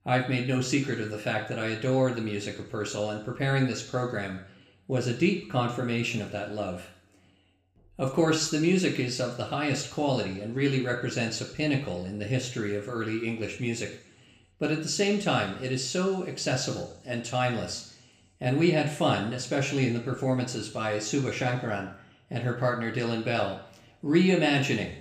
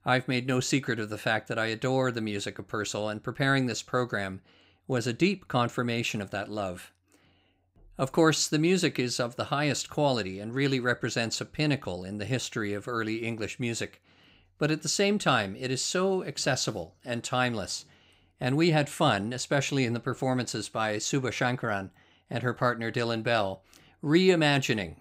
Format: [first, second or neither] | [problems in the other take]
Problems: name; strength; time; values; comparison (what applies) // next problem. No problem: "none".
second | room echo; slight; dies away in 0.7 s // off-mic speech; somewhat distant